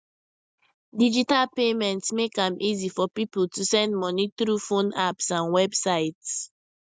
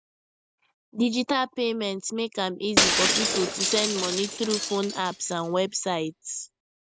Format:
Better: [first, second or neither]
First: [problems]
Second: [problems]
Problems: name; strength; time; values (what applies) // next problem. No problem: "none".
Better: first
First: none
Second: background sound (Shatter); 1 dB above the speech